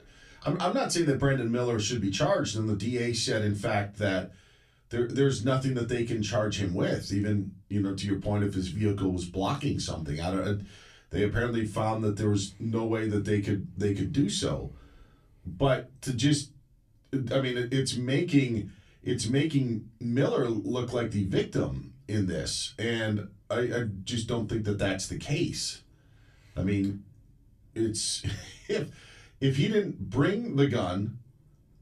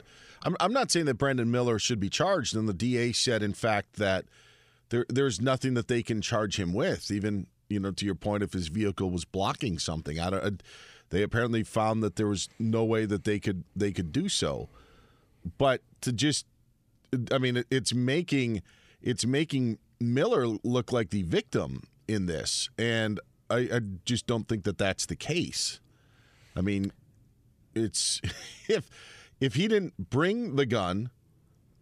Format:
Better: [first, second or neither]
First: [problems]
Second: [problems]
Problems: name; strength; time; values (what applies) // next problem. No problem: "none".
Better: second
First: off-mic speech; far // room echo; very slight; dies away in 0.2 s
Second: none